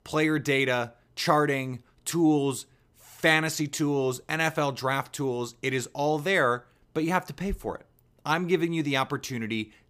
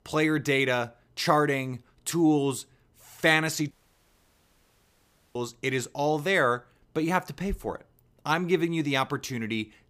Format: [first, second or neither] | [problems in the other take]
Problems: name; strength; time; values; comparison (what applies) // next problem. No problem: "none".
first | audio cutting out; at 3.5 s for 1.5 s